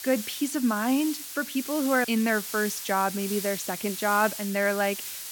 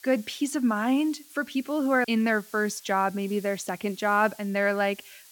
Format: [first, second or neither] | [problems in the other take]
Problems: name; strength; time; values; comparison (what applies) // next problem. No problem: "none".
second | hiss; loud; throughout; 8 dB below the speech; faint in the second